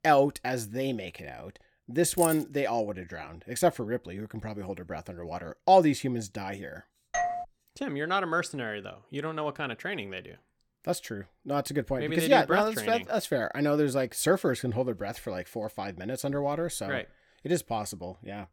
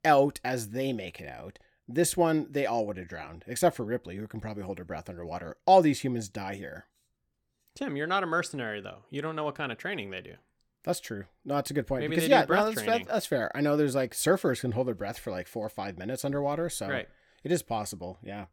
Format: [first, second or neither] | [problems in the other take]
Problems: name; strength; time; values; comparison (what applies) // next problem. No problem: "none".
second | jangling keys; noticeable; at 2 s; peak 3 dB below the speech // doorbell; noticeable; at 7 s; peak 1 dB below the speech